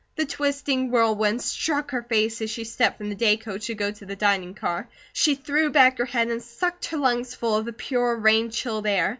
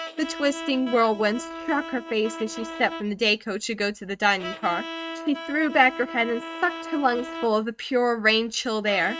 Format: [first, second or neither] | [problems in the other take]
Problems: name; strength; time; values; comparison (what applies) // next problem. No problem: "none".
first | noise reduction (neural mask model RNNoise)